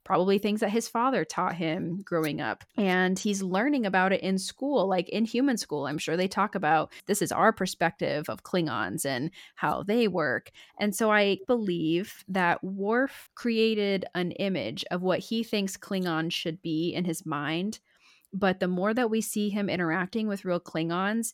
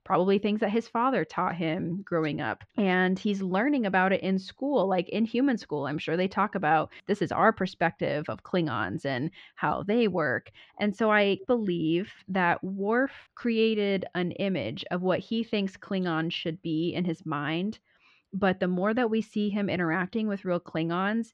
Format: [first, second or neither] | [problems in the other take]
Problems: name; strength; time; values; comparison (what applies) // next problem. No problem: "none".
first | muffled; slightly; fading above 3.5 kHz